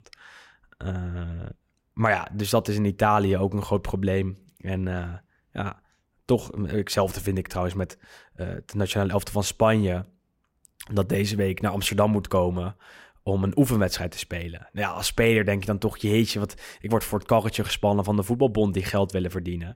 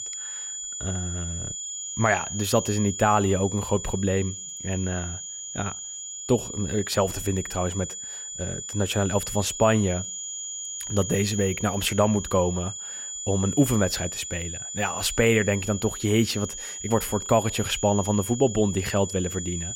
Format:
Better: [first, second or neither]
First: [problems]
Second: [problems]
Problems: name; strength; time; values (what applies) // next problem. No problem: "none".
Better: first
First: none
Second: high-pitched whine; loud; throughout; 7 kHz, 7 dB below the speech